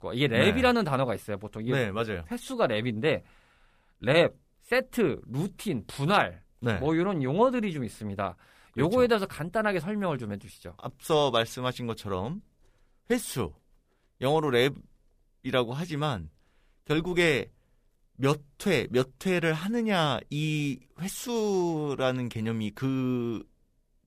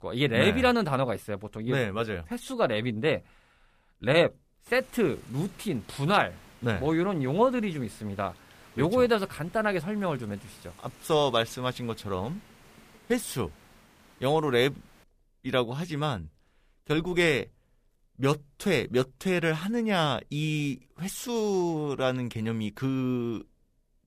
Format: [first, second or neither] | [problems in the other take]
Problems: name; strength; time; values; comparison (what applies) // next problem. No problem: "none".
first | hiss; faint; from 4.5 to 15 s; 25 dB below the speech